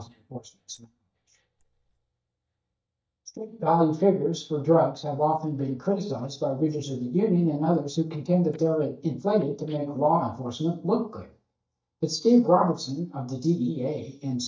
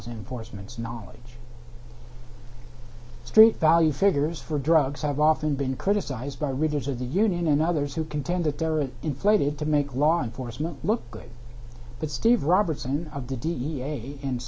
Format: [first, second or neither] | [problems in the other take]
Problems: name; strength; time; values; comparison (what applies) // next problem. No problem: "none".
second | noise reduction (neural mask model DeepFilterNet 3)